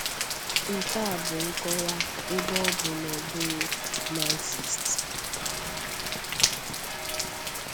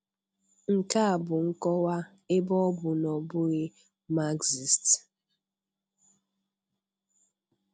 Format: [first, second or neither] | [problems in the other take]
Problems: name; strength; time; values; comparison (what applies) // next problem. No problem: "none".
second | background sound (Rain); 5 dB above the speech